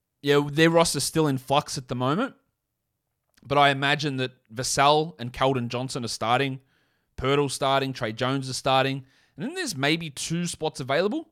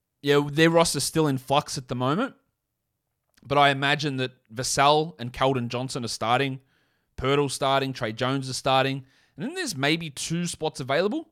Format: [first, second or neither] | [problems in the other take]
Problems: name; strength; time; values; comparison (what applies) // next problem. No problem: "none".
neither | none